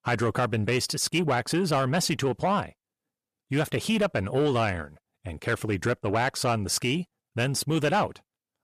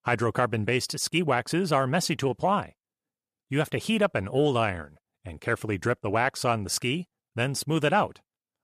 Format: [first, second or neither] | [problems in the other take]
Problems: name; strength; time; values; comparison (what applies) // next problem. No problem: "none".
second | distortion; slight; 10 dB below the speech